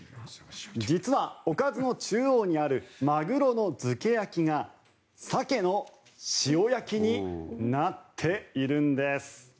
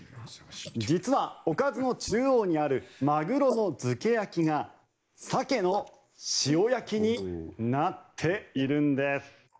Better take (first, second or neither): first